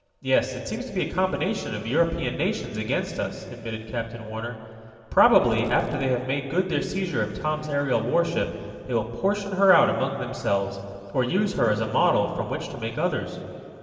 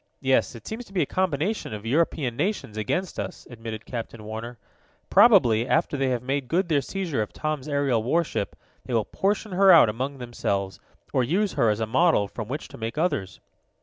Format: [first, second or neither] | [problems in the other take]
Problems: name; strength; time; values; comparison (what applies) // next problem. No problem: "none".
second | background sound (Fireworks); 20 dB below the speech // room echo; dies away in 2.7 s